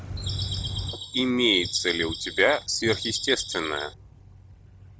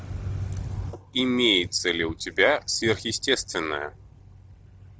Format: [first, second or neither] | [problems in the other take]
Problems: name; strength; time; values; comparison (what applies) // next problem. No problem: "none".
second | background sound (Bird vocalization, bird call, bird song); 9 dB below the speech